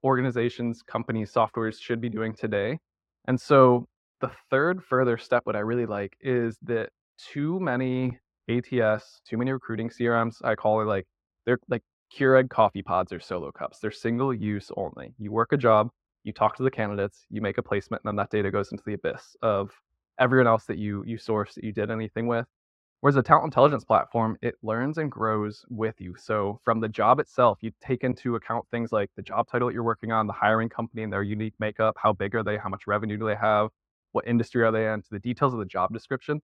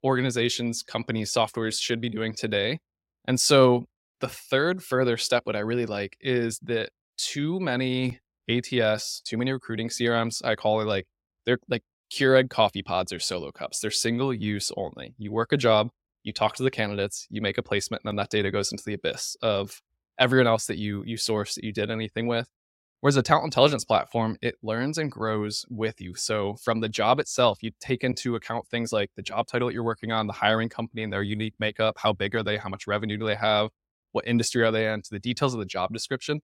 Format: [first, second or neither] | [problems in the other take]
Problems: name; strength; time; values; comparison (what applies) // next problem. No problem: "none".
second | muffled; very; fading above 3.5 kHz